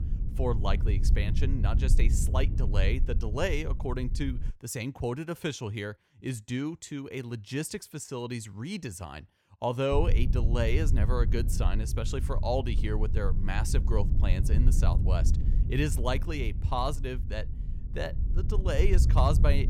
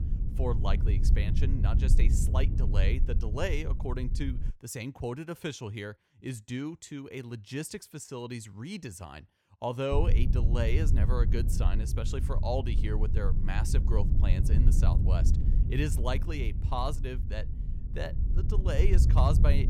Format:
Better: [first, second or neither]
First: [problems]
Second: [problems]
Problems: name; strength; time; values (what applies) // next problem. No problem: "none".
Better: first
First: wind noise on the microphone; occasional gusts; until 4.5 s and from 10 s on; 10 dB below the speech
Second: wind noise on the microphone; heavy; until 4.5 s and from 10 s on; 7 dB below the speech